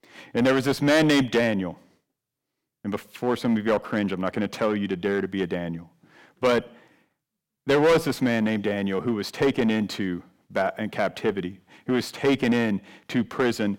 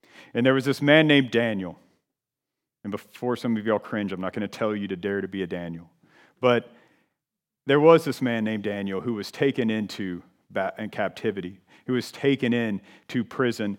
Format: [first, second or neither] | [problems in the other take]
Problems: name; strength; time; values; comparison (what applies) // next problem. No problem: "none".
second | distortion; heavy; 5% of the sound clipped